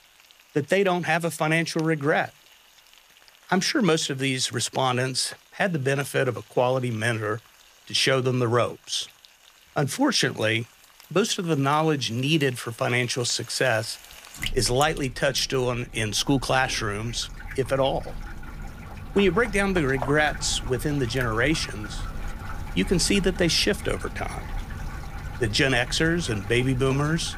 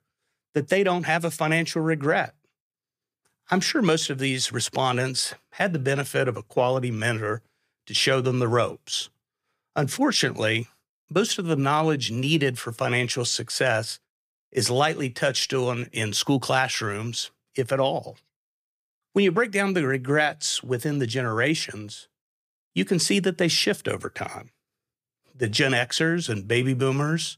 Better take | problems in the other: second | household noises; noticeable; throughout; 15 dB below the speech

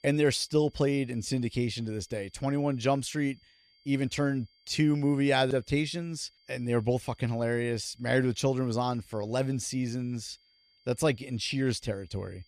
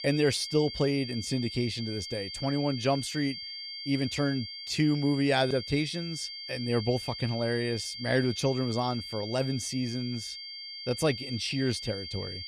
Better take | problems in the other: first | high-pitched whine; loud; throughout; 4.5 kHz, 8 dB below the speech; faint in the first

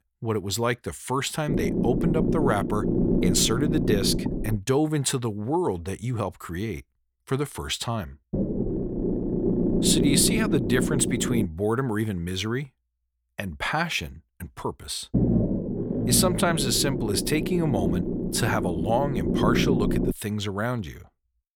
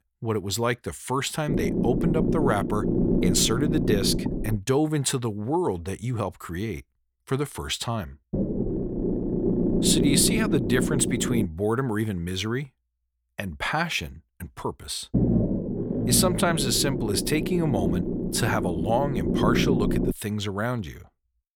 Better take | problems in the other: neither | low rumble; loud; from 1.5 to 4.5 s, from 8.5 to 11 s and from 15 to 20 s; 3 dB below the speech; the same in both

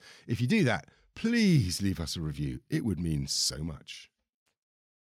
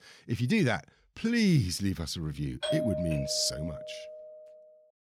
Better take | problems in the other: first | doorbell; noticeable; from 2.5 to 4.5 s; peak 2 dB below the speech

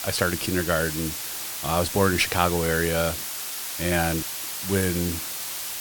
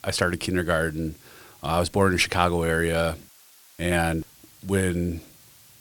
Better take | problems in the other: second | hiss; loud; throughout; 4 dB below the speech; faint in the second

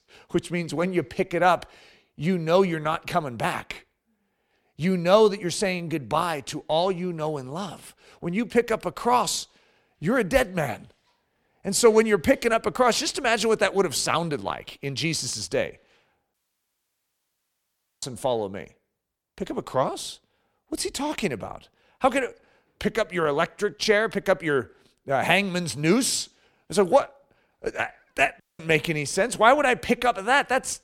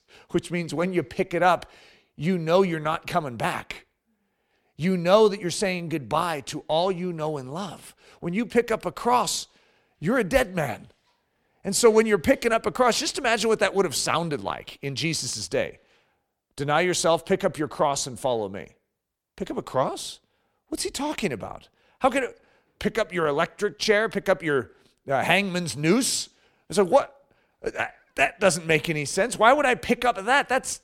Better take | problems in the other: second | audio cutting out; at 16 s for 1.5 s and at 28 s

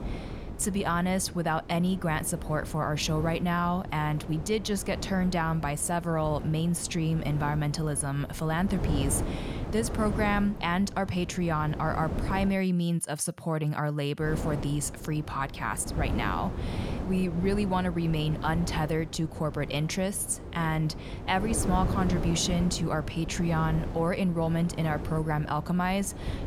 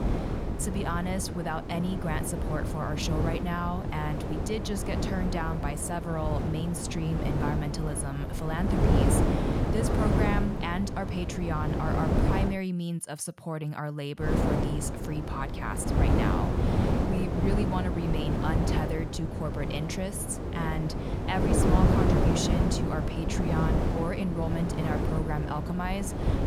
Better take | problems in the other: first | wind noise on the microphone; heavy; until 13 s and from 14 s on; as loud as the speech; occasional gusts in the first

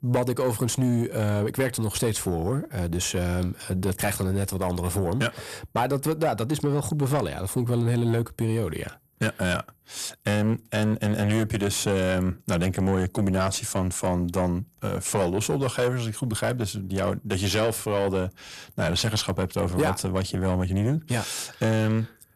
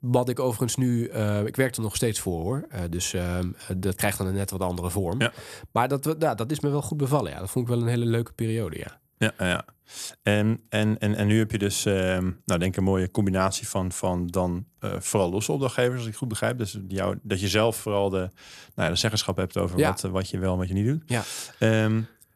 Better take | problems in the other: second | distortion; slight; 10 dB below the speech

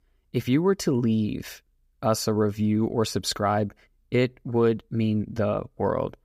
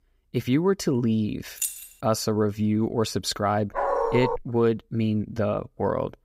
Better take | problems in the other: first | jangling keys; noticeable; at 1.5 s; peak 4 dB below the speech // dog barking; loud; at 3.5 s; peak 1 dB above the speech

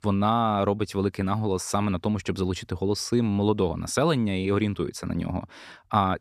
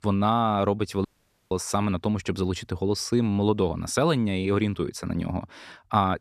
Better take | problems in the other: first | audio cutting out; at 1 s

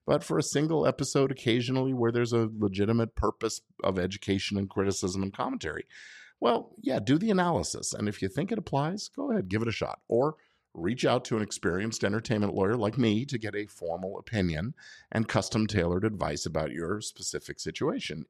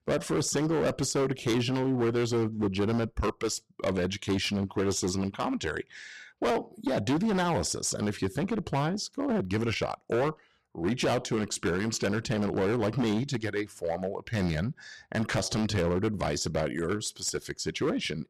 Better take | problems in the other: first | distortion; heavy; 14% of the sound clipped

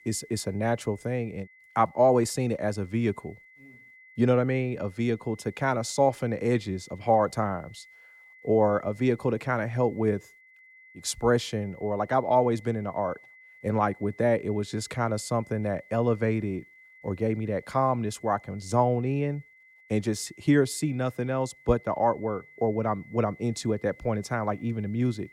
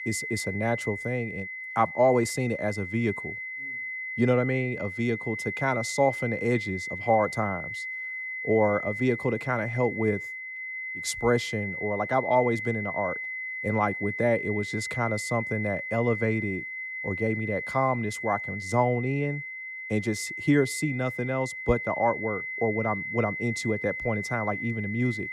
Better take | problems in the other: first | high-pitched whine; loud; throughout; 2 kHz, 5 dB below the speech; faint in the first

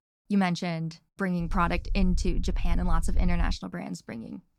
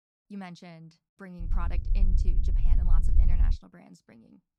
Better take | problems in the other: first | low rumble; loud; from 1.5 to 3.5 s; 3 dB below the speech; faint in the first

